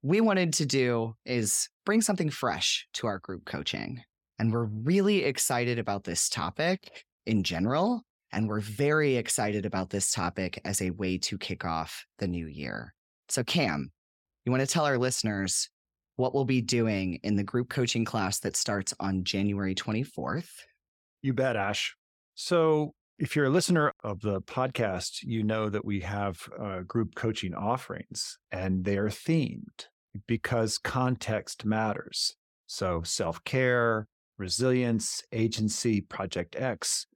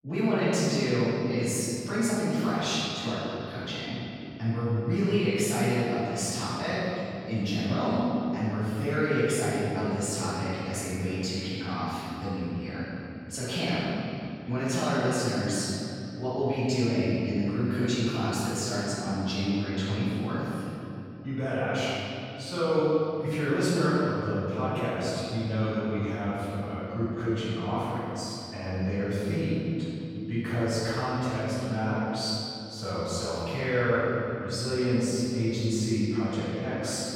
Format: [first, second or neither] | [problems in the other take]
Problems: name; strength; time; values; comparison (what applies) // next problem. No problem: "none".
first | off-mic speech; far // room echo; strong; dies away in 3 s